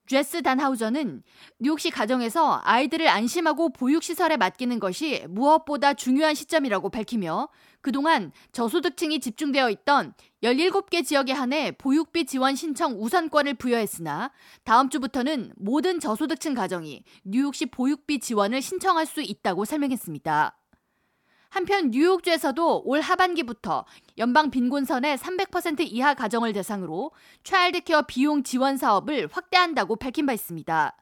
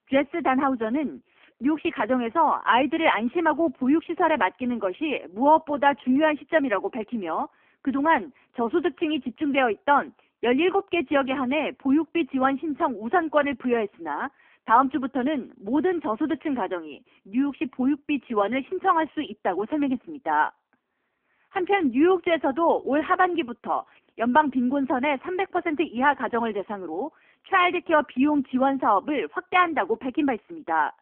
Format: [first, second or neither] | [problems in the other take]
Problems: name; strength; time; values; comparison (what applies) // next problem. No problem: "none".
first | phone-call audio; poor line; nothing above 3.5 kHz